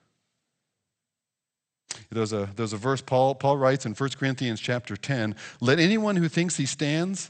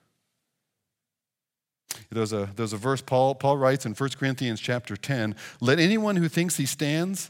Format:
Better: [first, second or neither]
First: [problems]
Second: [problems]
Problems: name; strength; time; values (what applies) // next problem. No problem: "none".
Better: second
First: garbled, watery; slightly; nothing above 8.5 kHz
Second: none